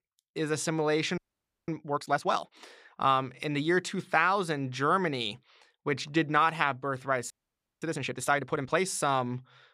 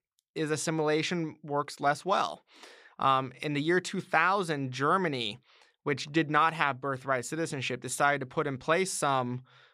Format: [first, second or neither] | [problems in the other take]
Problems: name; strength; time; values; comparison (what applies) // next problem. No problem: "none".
second | audio freezing; at 1 s for 0.5 s and at 7.5 s for 0.5 s